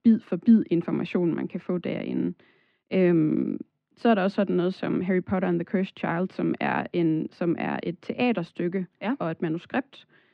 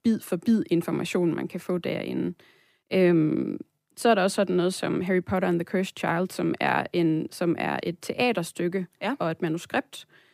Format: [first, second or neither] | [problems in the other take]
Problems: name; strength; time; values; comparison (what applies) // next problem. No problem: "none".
second | muffled; slightly; fading above 3.5 kHz